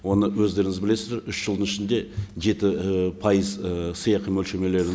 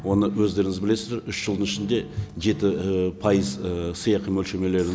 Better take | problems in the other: first | background sound (Piano); 18 dB below the speech

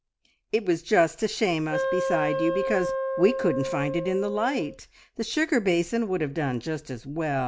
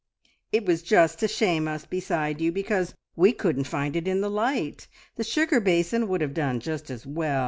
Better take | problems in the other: second | background sound (Wind instrument, woodwind instrument); 3 dB below the speech

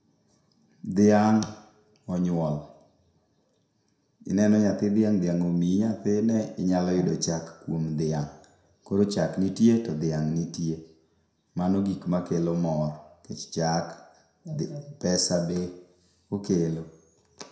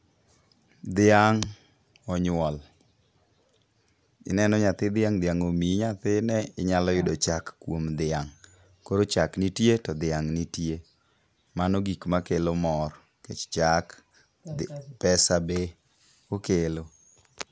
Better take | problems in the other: second | room echo; dies away in 0.5 s

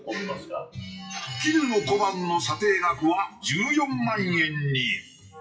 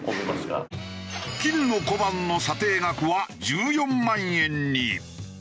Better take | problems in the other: second | noise reduction (classical method WPE with log-MMSE)

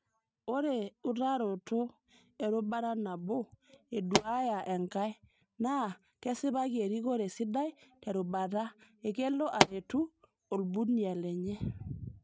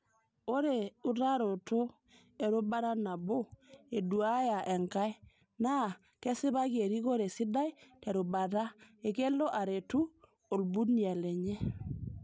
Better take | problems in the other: second | noise reduction (neural mask model RNNoise)

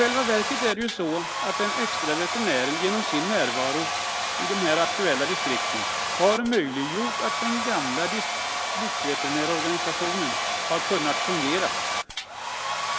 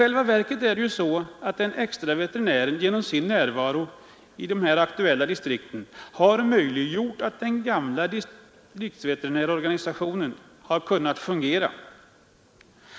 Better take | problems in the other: second | background sound (Domestic sounds, home sounds); as loud as the speech

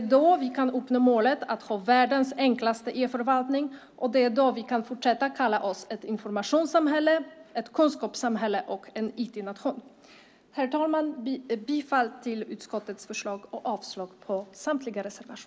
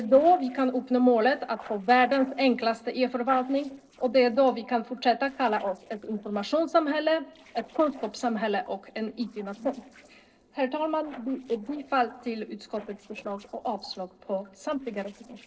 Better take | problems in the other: first | noise reduction (neural separator model SepFormer DNS4)

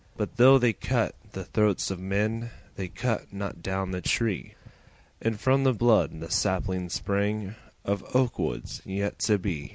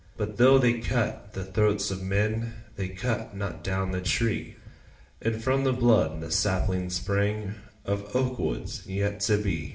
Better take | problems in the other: first | room echo; dies away in 0.5 s

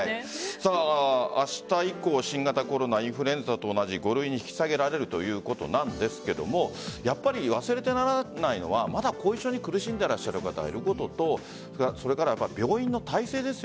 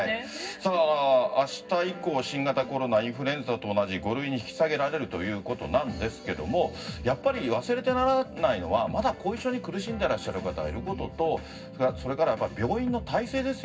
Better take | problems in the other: first | room echo; dies away in 0.4 s

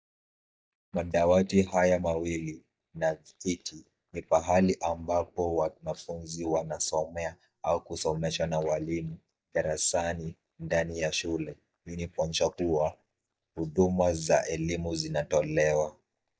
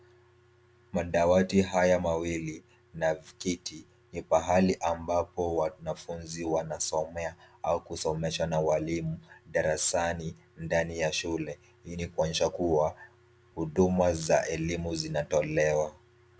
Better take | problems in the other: second | noise reduction (neural mask model DeepFilterNet 3)

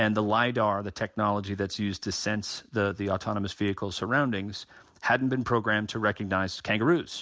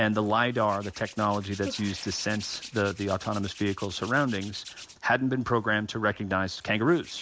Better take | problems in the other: first | background sound (Hands); 18 dB below the speech

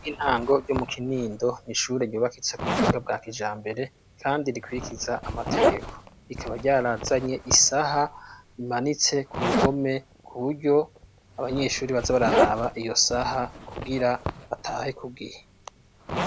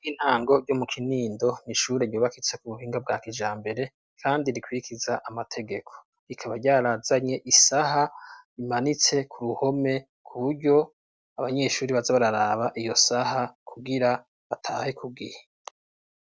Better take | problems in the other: second | background sound (Zipper (clothing)); 5 dB below the speech

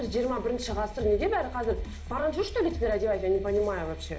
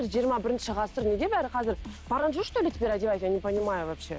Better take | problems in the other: second | room echo; dies away in 0.5 s

